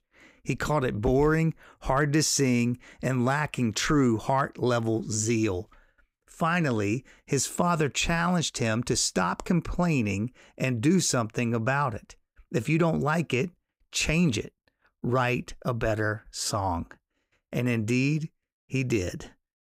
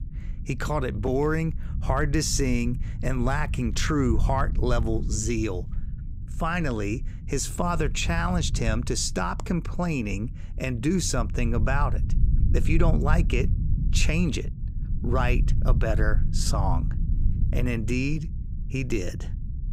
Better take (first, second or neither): first